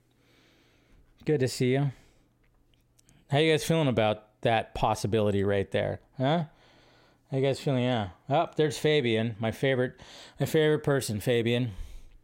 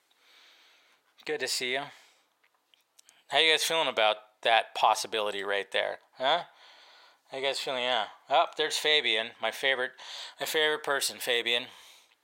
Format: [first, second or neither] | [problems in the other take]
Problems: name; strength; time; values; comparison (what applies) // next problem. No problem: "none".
first | thin; very; fading below 900 Hz